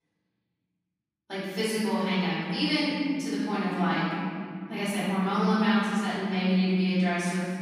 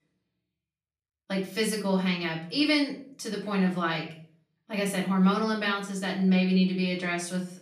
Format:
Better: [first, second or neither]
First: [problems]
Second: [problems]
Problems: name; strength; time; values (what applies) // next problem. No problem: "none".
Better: second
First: room echo; strong; dies away in 2.9 s // off-mic speech; far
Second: room echo; slight; dies away in 0.4 s // off-mic speech; far